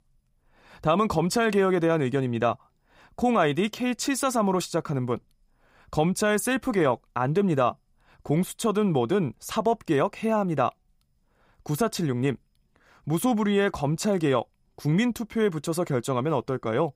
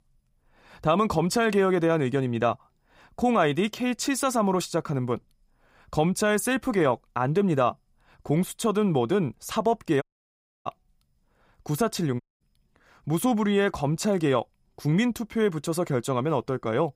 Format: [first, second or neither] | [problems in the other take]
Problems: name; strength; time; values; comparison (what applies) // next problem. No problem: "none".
first | audio cutting out; at 10 s for 0.5 s and at 12 s